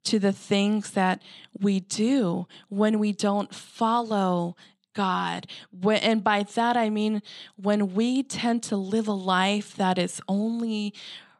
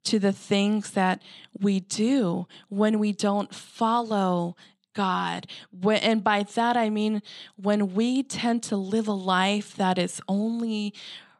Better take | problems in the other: neither | none

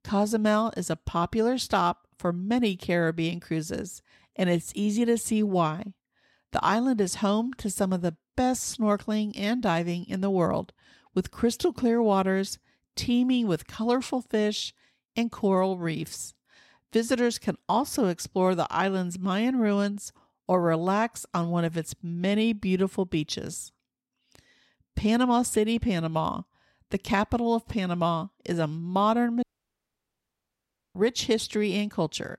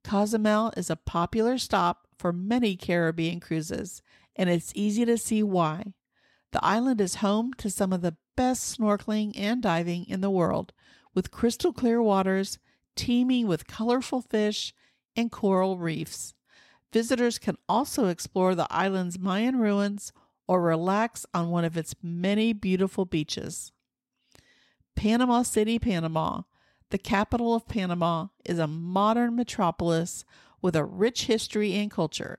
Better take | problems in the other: second | audio cutting out; at 29 s for 1.5 s

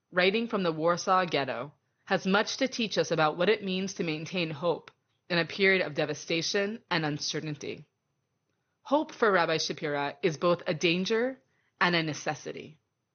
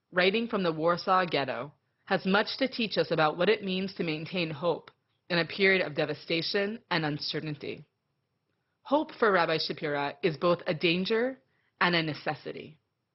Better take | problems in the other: first | garbled, watery; badly; nothing above 5.5 kHz; slightly in the first

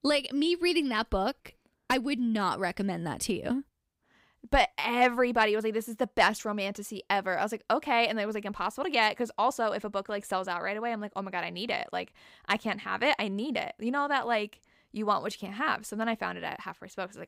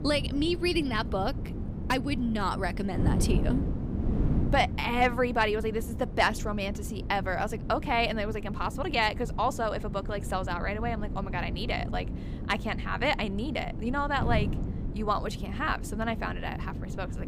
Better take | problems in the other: first | wind noise on the microphone; occasional gusts; 15 dB below the speech

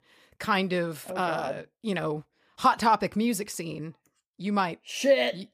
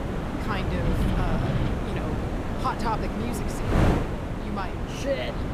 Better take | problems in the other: first | wind noise on the microphone; heavy; as loud as the speech

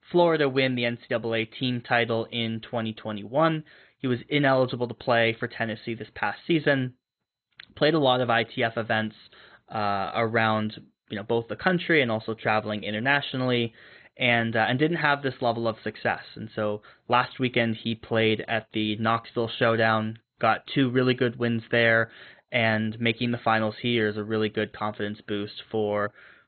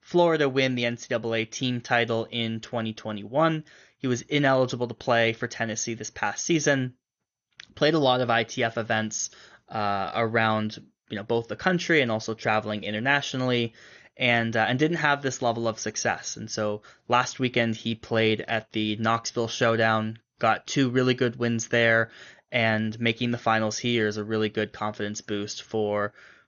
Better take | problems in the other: second | garbled, watery; badly; nothing above 4 kHz; slightly in the second

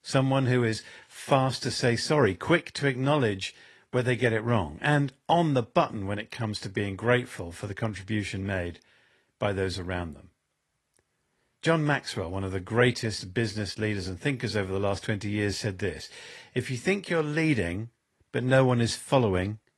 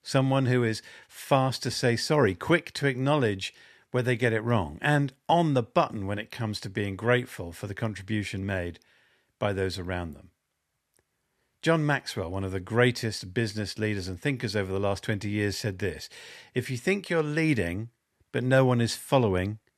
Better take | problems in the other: second | garbled, watery; slightly

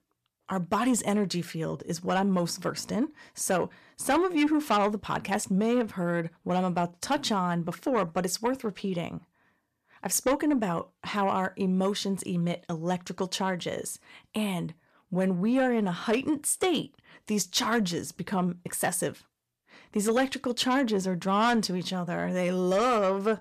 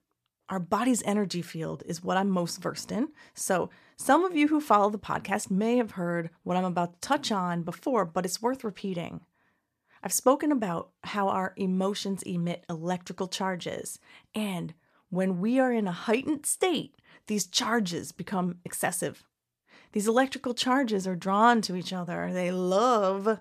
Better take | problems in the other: second | distortion; slight; 10 dB below the speech

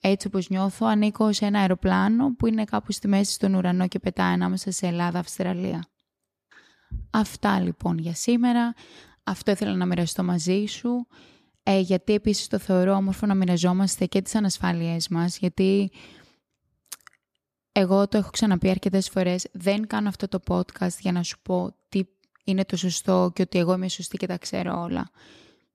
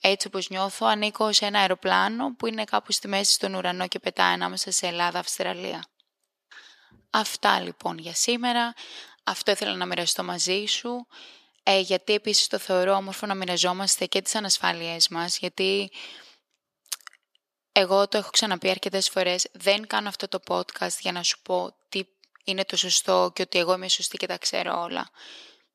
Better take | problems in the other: first | thin; very; fading below 550 Hz

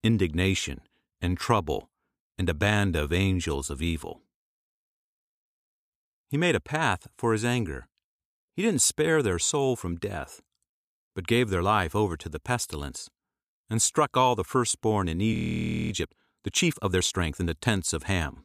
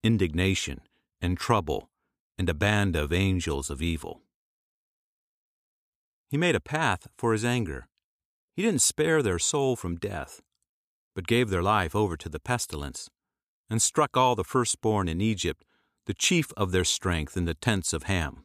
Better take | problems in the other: second | audio freezing; at 15 s for 0.5 s

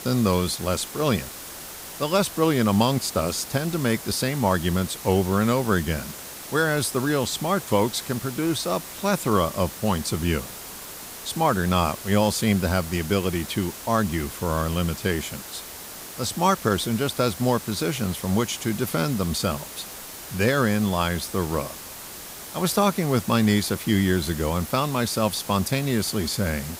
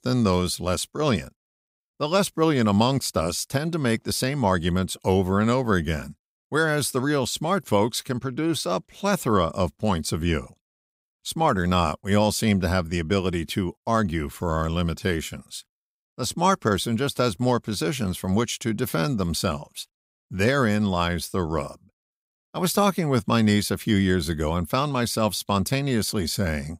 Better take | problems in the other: second | hiss; noticeable; throughout; 10 dB below the speech

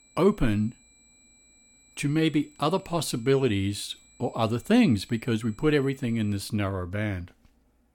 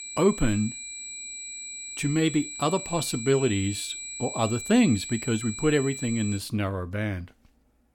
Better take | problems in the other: first | high-pitched whine; loud; until 6.5 s; 8 kHz, 8 dB below the speech; faint in the first

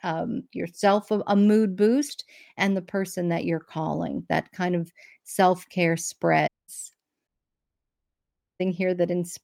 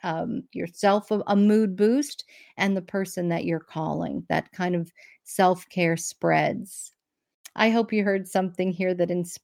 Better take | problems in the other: second | audio cutting out; at 6.5 s and at 7.5 s for 1.5 s

